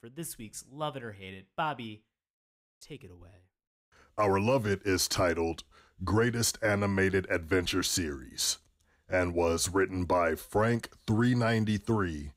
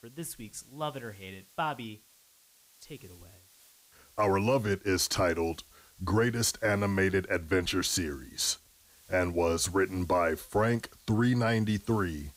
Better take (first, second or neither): first